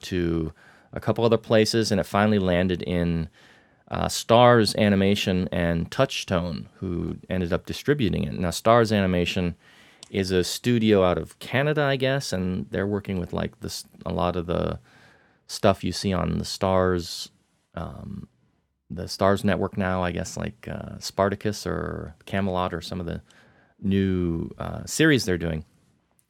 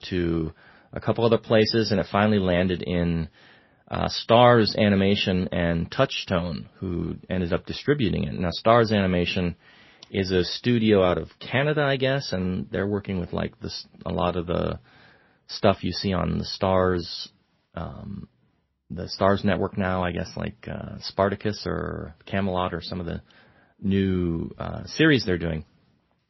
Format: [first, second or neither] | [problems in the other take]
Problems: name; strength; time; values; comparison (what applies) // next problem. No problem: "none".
first | garbled, watery; slightly; nothing above 5.5 kHz